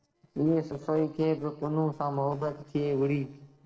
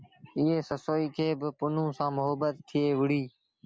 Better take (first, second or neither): second